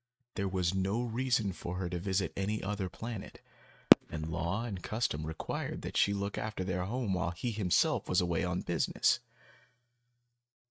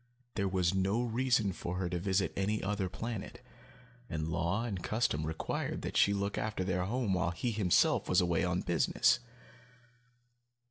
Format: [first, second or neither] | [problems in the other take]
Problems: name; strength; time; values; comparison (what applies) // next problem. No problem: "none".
second | noise reduction (neural mask model RNNoise)